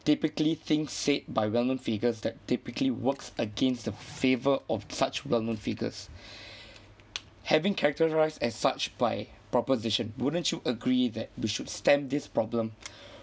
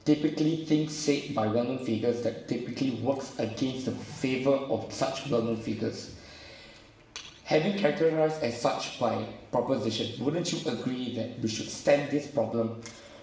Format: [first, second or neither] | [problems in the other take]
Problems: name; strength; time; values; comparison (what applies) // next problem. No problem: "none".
first | room echo; dies away in 0.9 s